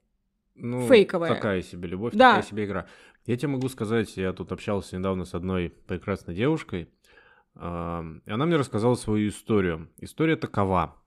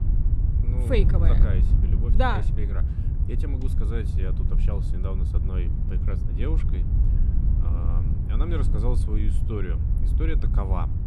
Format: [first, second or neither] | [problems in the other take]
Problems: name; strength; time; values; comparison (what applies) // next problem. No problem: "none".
first | wind noise on the microphone; heavy; 6 dB below the speech